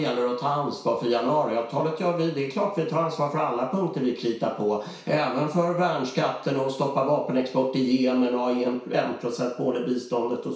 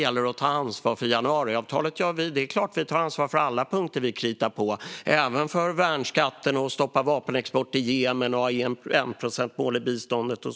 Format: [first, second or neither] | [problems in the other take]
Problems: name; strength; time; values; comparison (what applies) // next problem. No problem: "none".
second | room echo; dies away in 0.6 s